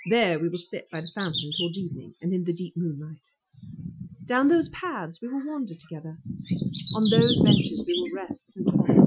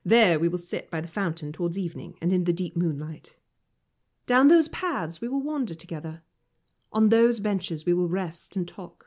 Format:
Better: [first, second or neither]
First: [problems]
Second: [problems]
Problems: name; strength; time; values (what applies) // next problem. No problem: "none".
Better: second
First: noise reduction (classical method Wiener filter)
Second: none